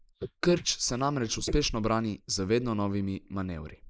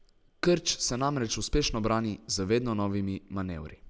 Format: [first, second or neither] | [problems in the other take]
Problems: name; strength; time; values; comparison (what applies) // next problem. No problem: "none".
second | noise reduction (neural mask model Resemble Enhance denoiser)